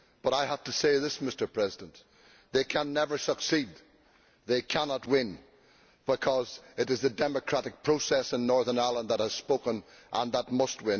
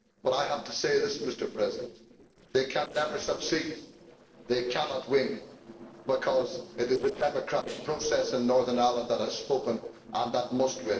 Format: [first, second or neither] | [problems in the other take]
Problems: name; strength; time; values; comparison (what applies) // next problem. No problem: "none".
first | noise reduction (neural separator model SepFormer DNS4)